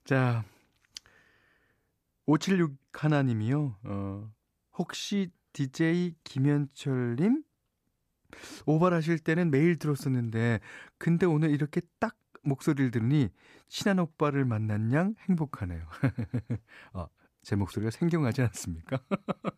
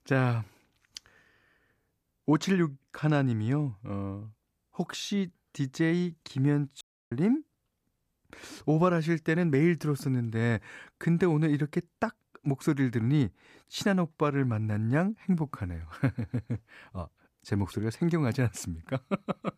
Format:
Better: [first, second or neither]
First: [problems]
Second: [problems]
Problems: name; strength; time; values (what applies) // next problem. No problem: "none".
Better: first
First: none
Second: audio cutting out; at 7 s